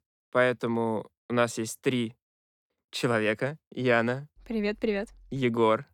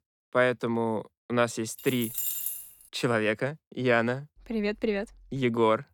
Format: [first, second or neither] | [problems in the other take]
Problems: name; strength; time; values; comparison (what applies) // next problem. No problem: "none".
first | jangling keys; loud; at 2 s; peak level with the speech